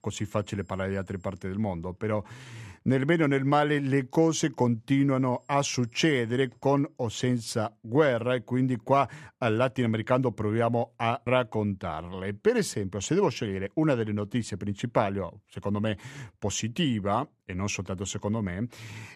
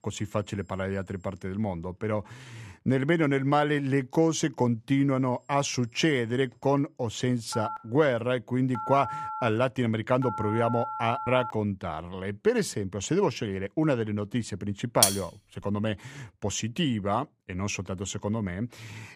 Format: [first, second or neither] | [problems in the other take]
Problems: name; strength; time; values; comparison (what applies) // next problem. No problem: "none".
first | phone ringing; noticeable; from 7.5 to 12 s; peak 6 dB below the speech // clattering dishes; loud; at 15 s; peak 5 dB above the speech